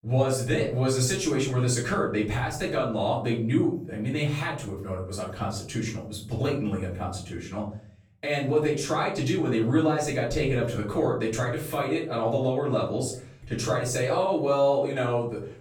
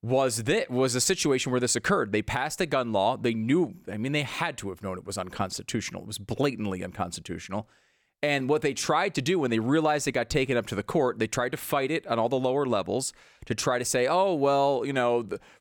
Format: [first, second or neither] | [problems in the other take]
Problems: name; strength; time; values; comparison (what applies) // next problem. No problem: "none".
second | off-mic speech; far // room echo; noticeable; dies away in 0.7 s